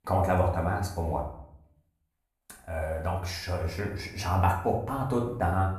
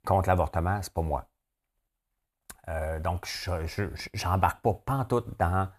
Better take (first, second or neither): second